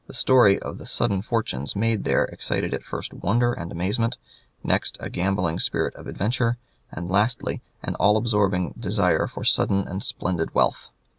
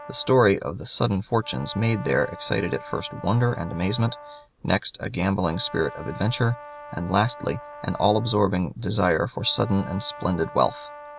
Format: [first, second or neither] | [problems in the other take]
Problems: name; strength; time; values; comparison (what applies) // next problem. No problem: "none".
first | background sound (Brass instrument); 17 dB below the speech